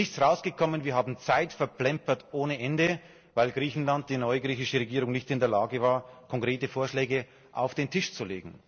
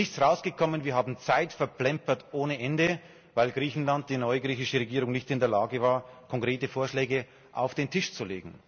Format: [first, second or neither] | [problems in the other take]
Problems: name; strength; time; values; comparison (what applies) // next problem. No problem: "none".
second | noise reduction (neural separator model SepFormer DNS4)